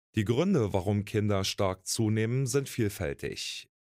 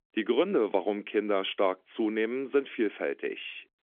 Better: first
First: none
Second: phone-call audio; nothing above 3.5 kHz

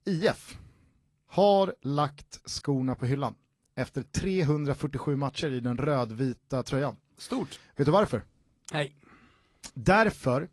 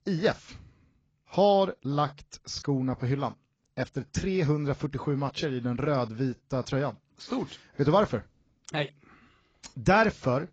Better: first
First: garbled, watery; slightly; nothing above 11.5 kHz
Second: garbled, watery; badly

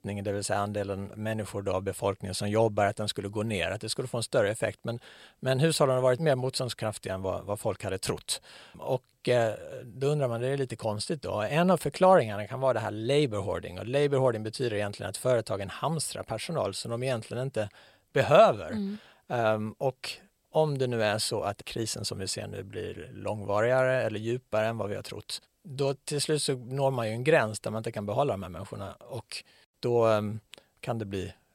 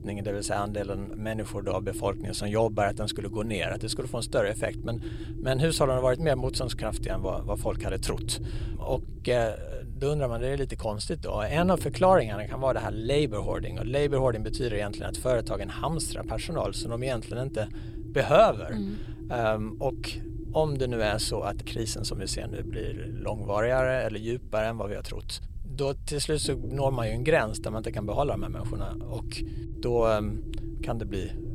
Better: first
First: none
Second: low rumble; noticeable; throughout; 15 dB below the speech

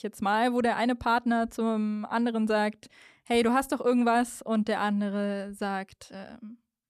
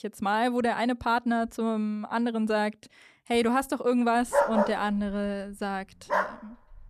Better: first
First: none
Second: dog barking; loud; from 4.5 to 6.5 s; peak 3 dB above the speech

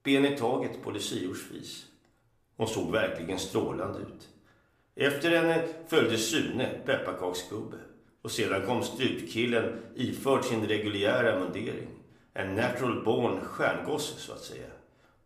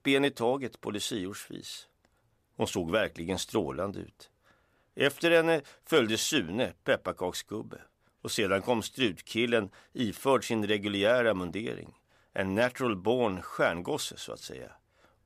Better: second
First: room echo; slight; dies away in 0.5 s // off-mic speech; somewhat distant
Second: none

